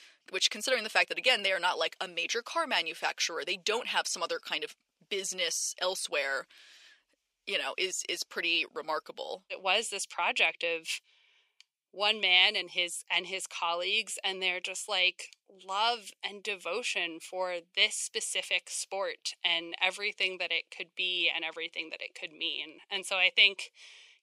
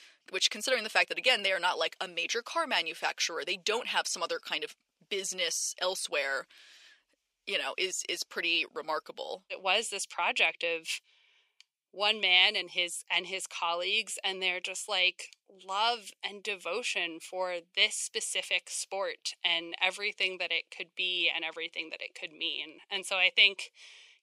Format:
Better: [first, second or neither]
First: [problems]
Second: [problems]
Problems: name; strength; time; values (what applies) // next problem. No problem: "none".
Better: neither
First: thin; very; fading below 600 Hz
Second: thin; very; fading below 600 Hz